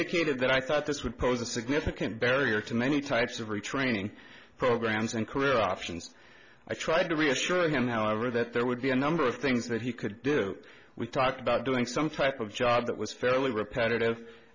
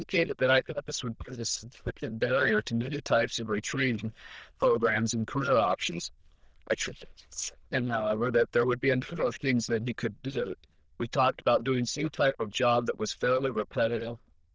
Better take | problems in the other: first | noise reduction (neural diffusion model UNIVERSE++)

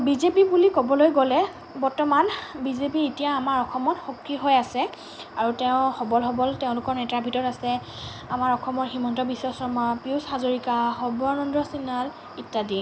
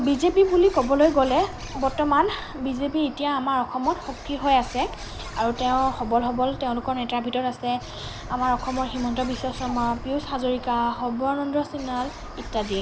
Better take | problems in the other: first | background sound (Bird); 14 dB below the speech

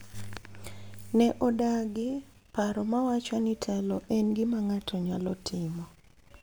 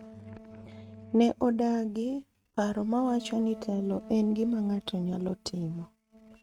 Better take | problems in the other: first | noise reduction (neural mask model RNNoise)

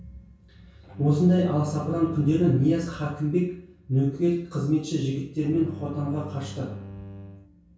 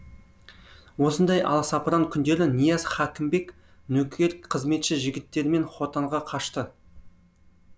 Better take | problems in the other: second | background sound (Bowed string instrument); 16 dB below the speech // room echo; dies away in 0.6 s

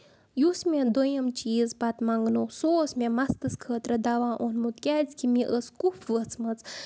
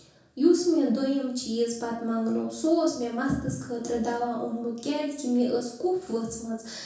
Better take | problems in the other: first | room echo; dies away in 0.6 s

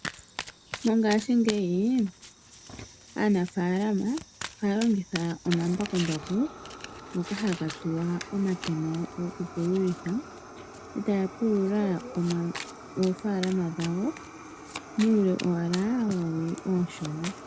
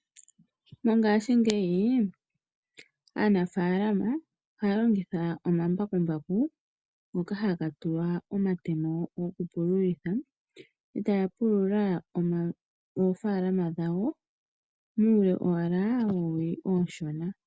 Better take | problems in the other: second | background sound (Domestic sounds, home sounds + Fire); 13 dB below the speech

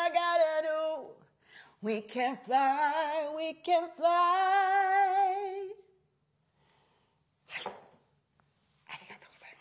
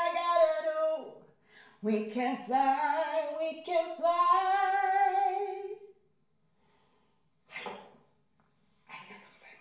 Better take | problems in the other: first | room echo; dies away in 0.6 s

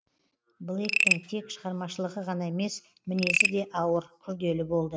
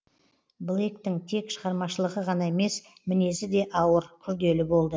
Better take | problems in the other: second | noise reduction (neural mask model RNNoise)

